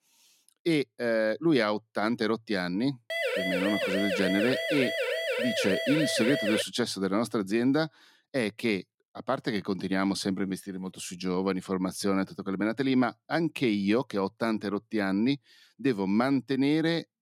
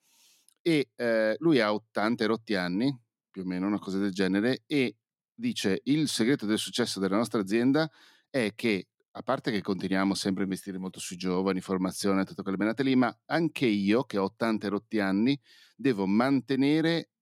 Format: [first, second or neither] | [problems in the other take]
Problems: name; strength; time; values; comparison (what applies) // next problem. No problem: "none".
second | siren; loud; from 3 to 6.5 s; peak level with the speech